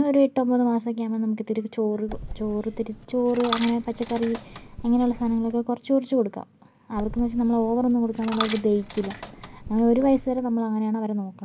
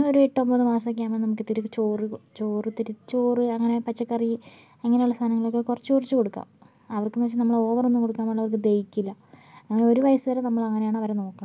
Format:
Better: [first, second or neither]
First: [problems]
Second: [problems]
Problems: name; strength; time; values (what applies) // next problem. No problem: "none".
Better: second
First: background sound (Coin (dropping)); 12 dB below the speech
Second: none